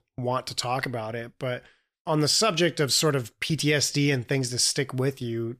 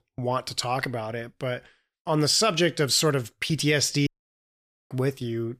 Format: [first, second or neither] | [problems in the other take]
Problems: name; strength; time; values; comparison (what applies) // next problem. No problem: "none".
first | audio cutting out; at 4 s for 1 s